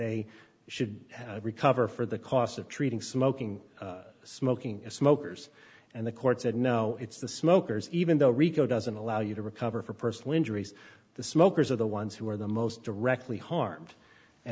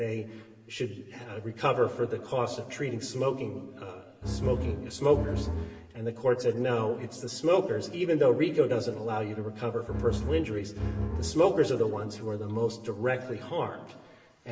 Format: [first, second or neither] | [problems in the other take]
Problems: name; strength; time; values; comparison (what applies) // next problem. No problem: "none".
first | background sound (Bowed string instrument); 3 dB below the speech // room echo; dies away in 1.3 s